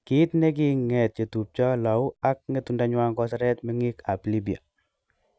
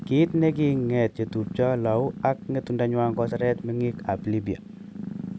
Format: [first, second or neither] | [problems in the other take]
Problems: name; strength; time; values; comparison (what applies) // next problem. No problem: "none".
first | background sound (Purr); 11 dB below the speech